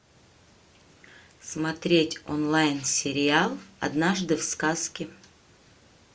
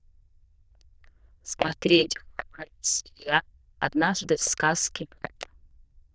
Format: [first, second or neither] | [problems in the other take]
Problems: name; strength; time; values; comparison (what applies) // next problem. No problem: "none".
first | noise reduction (neural diffusion model UNIVERSE++)